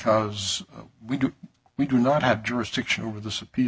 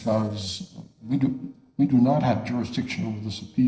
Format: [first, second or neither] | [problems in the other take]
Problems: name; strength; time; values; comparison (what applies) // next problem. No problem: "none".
first | noise reduction (neural separator model SepFormer DNS4)